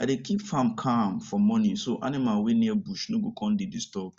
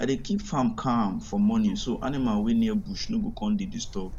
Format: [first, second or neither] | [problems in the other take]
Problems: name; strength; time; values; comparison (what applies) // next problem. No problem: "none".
first | background sound (Bird); 12 dB below the speech